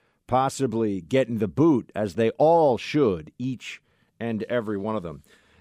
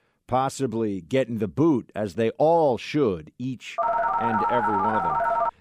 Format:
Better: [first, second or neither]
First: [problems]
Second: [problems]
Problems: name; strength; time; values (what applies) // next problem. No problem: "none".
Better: first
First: none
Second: phone ringing; loud; from 4 s on; peak 2 dB above the speech